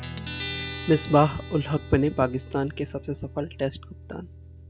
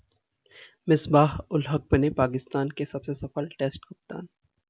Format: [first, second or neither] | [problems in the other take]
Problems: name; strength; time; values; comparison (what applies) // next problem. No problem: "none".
second | background sound (Guitar); 11 dB below the speech